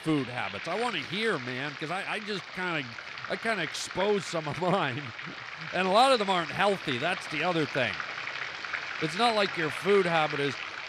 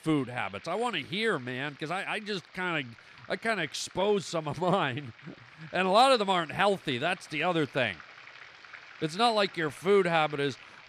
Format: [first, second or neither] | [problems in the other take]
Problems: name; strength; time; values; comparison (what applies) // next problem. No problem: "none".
second | household noises; loud; throughout; 7 dB below the speech; faint in the second